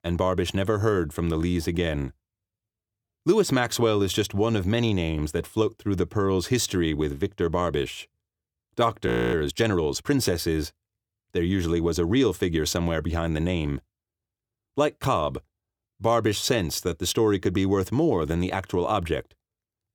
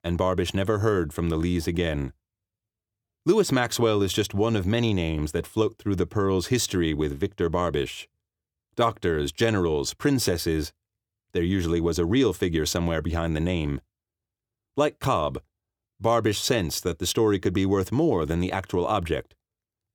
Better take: second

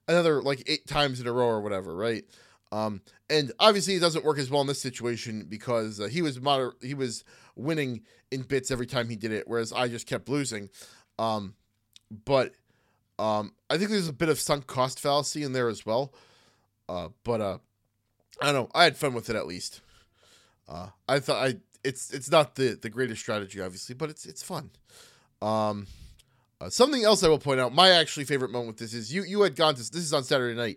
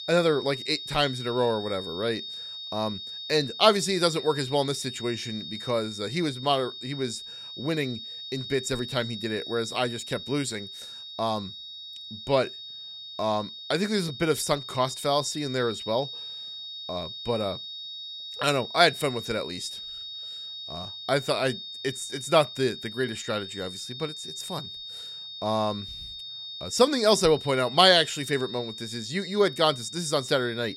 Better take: first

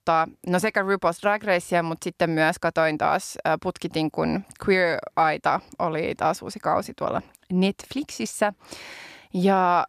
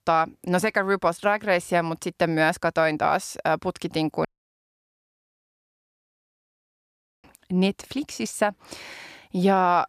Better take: first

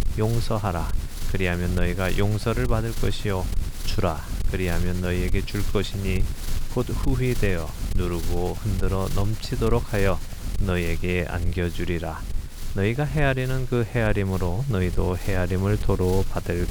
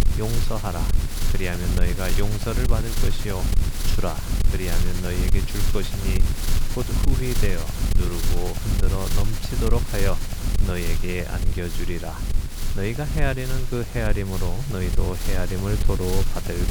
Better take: first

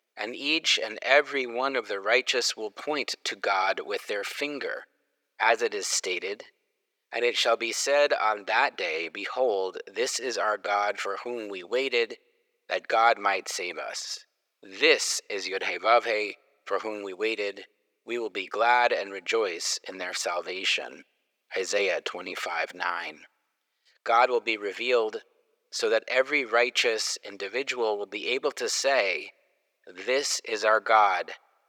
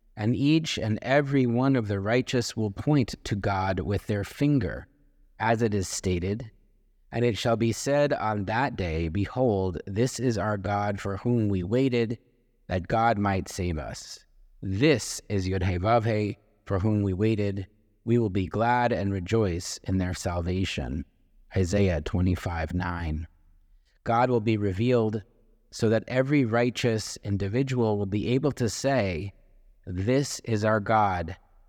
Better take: second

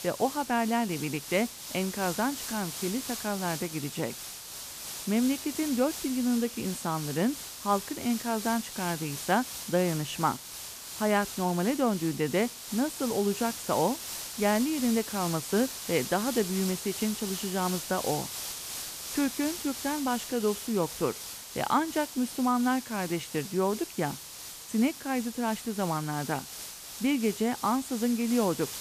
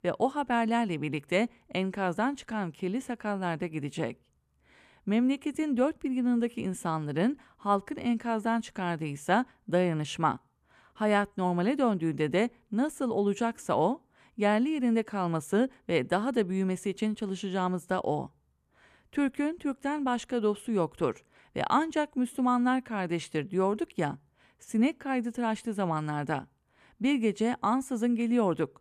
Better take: second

